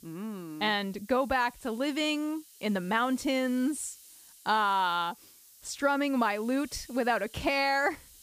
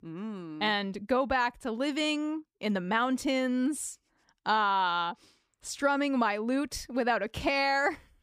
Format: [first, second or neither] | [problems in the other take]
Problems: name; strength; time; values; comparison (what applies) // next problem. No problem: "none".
second | hiss; faint; throughout; 20 dB below the speech